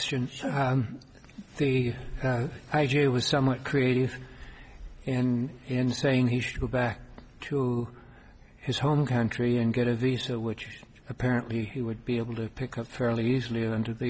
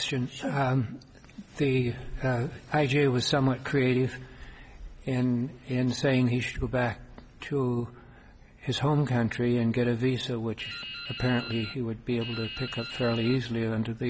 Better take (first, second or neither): first